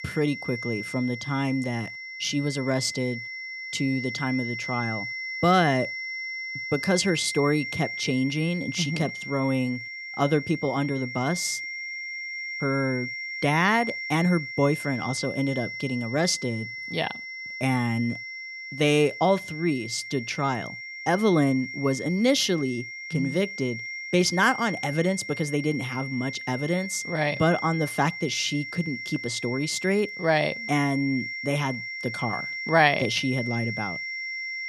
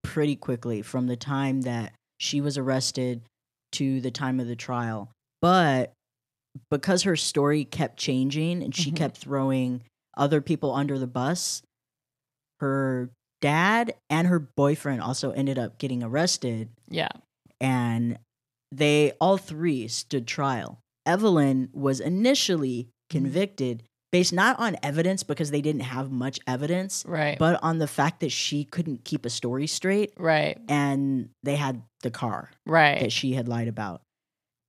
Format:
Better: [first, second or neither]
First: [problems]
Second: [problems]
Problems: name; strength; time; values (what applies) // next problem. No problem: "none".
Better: second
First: high-pitched whine; loud; throughout; 2 kHz, 7 dB below the speech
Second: none